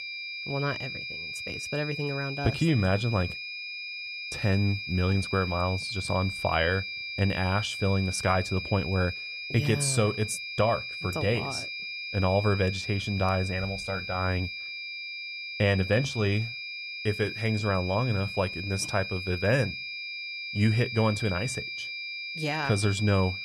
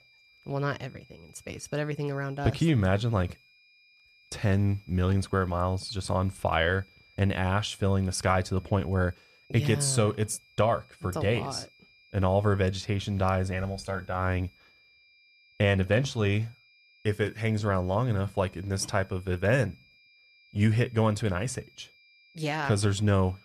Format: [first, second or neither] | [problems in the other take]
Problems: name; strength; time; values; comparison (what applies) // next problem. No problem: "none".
second | high-pitched whine; loud; throughout; 2.5 kHz, 6 dB below the speech; faint in the second